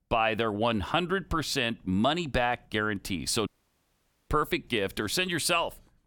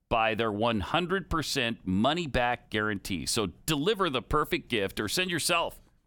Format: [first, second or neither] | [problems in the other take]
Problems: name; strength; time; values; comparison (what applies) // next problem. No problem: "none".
second | audio cutting out; at 3.5 s for 1 s